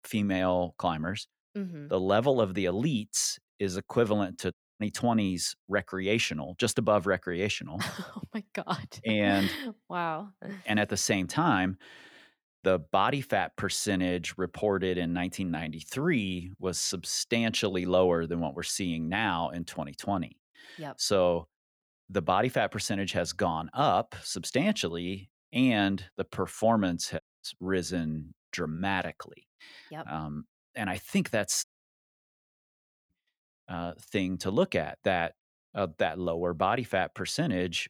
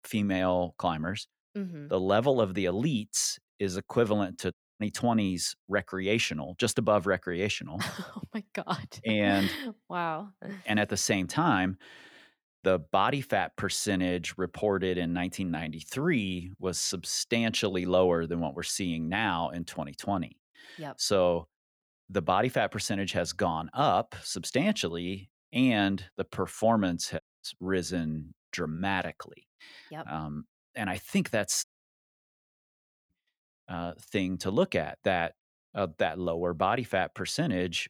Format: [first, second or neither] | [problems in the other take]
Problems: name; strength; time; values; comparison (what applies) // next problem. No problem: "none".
neither | audio cutting out; at 4.5 s, at 27 s and at 32 s for 1.5 s; the same in both